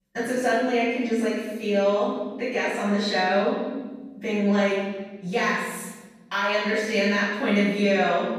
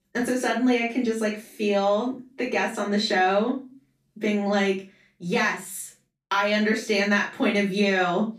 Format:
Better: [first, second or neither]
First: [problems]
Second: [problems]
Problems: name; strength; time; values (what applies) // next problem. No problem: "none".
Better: second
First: room echo; strong; dies away in 1.5 s // off-mic speech; far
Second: room echo; slight; dies away in 0.3 s // off-mic speech; far